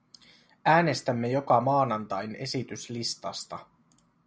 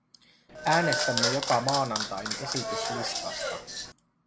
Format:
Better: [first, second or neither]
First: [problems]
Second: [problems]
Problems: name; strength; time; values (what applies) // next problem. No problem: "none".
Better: first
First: none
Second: background sound (Applause / Clapping); as loud as the speech